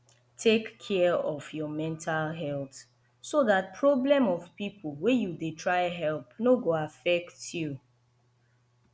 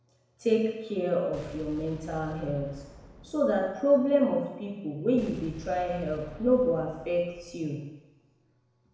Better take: first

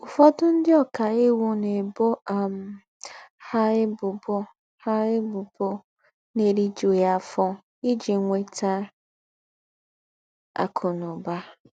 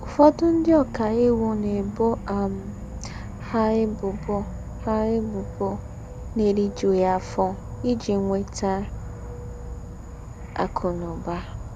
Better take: first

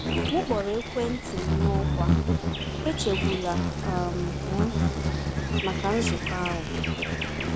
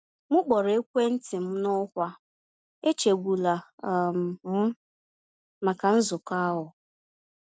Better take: second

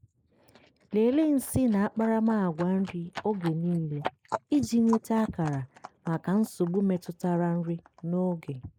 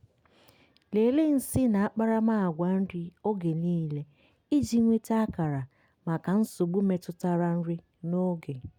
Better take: second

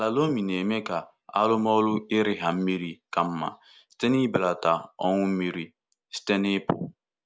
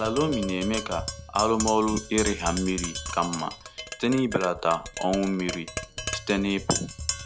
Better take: first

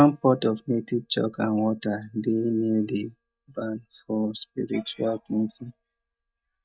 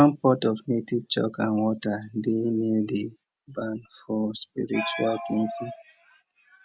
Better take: second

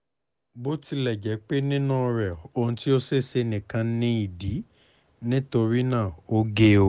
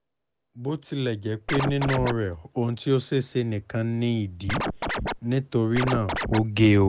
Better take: first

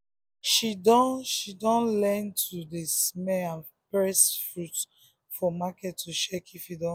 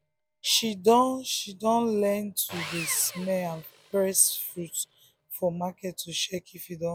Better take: first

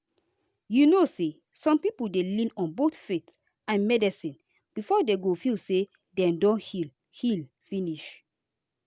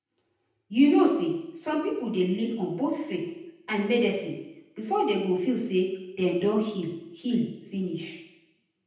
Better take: first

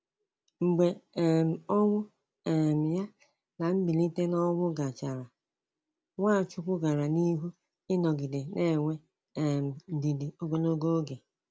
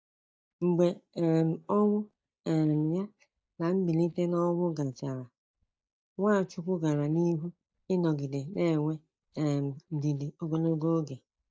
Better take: first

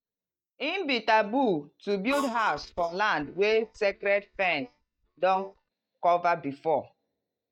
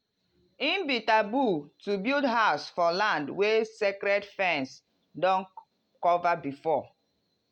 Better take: second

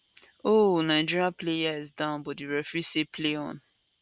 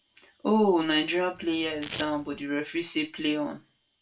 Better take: first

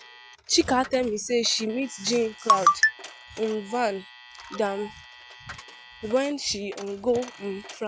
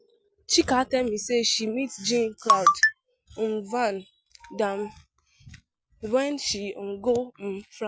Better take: second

